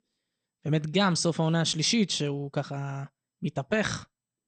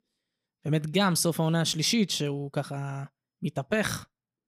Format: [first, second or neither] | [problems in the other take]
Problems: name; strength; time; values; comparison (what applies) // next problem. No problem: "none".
second | garbled, watery; slightly; nothing above 8.5 kHz